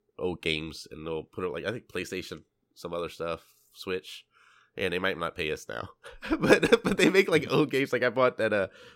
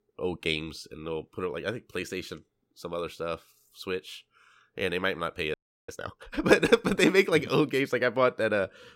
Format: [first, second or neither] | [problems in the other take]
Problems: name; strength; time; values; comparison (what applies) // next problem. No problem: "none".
first | audio freezing; at 5.5 s